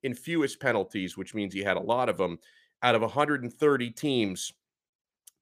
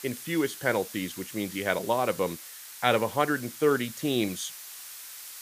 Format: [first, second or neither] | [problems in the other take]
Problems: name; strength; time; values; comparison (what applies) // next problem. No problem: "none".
first | hiss; noticeable; throughout; 10 dB below the speech